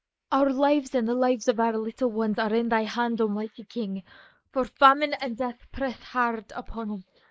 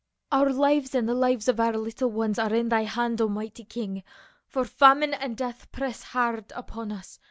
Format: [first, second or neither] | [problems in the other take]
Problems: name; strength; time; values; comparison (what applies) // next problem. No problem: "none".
second | noise reduction (neural mask model Resemble Enhance denoiser)